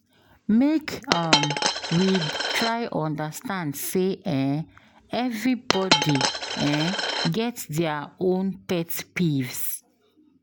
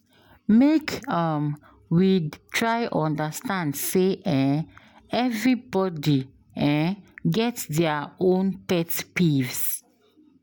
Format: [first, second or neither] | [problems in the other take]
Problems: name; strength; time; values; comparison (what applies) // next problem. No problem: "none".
second | background sound (Coin (dropping)); 3 dB below the speech